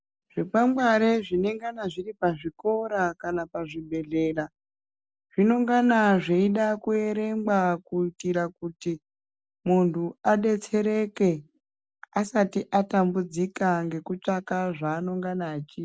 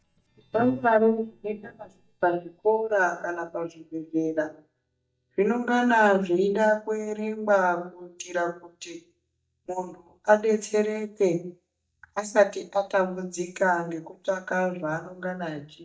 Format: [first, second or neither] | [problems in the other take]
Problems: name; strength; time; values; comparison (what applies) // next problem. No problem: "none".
first | noise reduction (neural mask model DeepFilterNet 3)